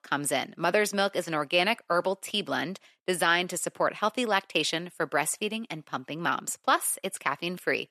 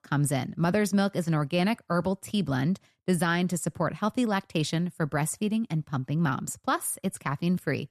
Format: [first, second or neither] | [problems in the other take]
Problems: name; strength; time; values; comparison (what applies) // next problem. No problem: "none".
second | thin; somewhat; fading below 450 Hz